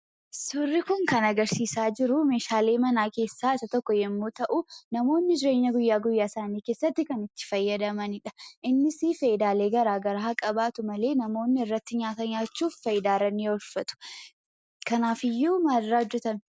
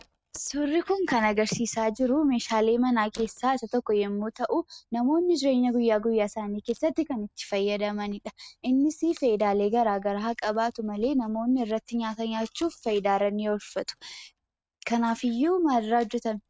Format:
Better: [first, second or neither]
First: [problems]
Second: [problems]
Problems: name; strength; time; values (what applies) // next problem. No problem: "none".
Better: first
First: none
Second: noise reduction (neural mask model RNNoise)